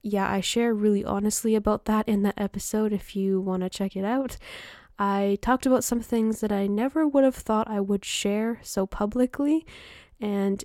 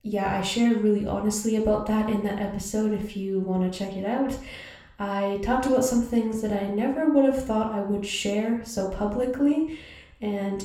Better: first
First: none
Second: room echo; slight; dies away in 0.5 s // off-mic speech; somewhat distant

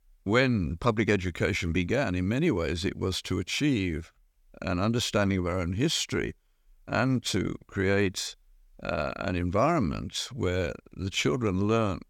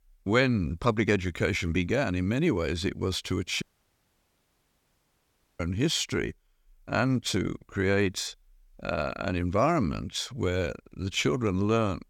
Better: first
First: none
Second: audio cutting out; at 3.5 s for 2 s

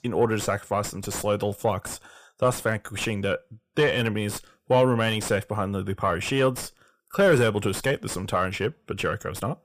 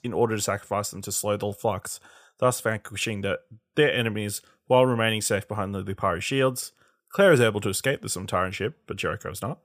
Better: second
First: distortion; slight; 9 dB below the speech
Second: none

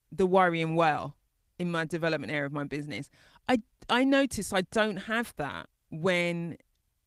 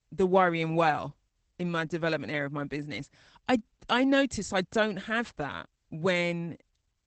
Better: first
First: garbled, watery; slightly; nothing above 15.5 kHz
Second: garbled, watery; badly; nothing above 8 kHz

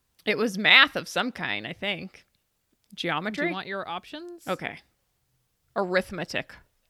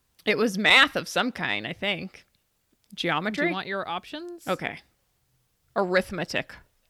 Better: first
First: none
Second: distortion; slight; 10 dB below the speech

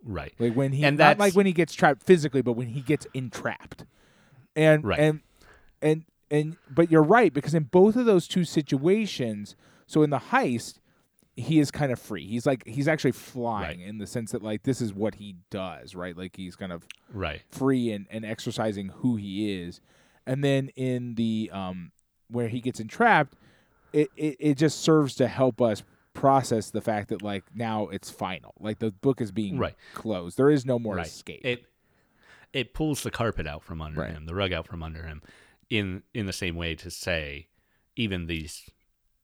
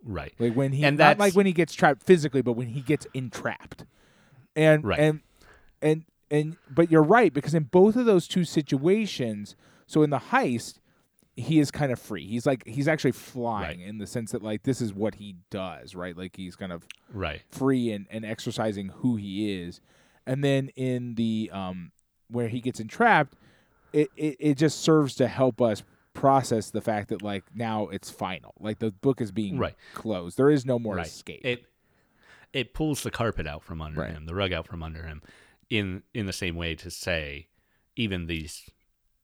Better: neither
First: none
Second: none

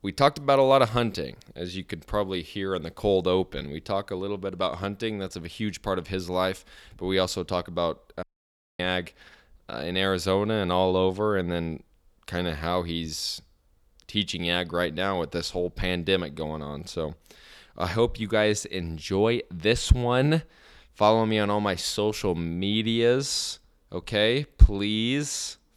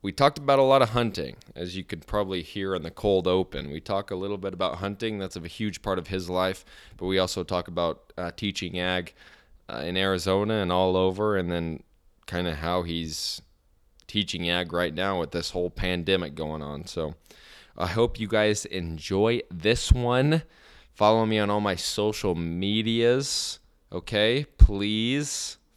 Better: second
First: audio cutting out; at 8 s for 0.5 s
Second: none

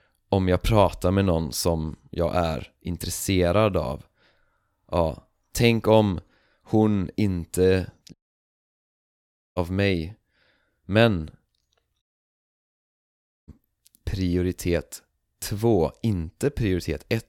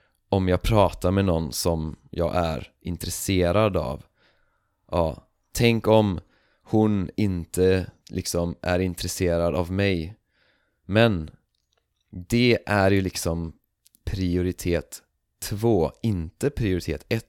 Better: second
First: audio cutting out; at 8 s for 1.5 s and at 12 s for 1.5 s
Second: none

